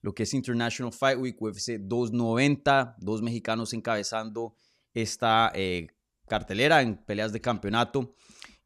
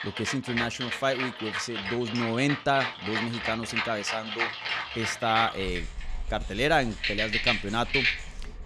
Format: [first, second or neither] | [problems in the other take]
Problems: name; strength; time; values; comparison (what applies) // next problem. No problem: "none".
first | background music; loud; throughout; 1 dB below the speech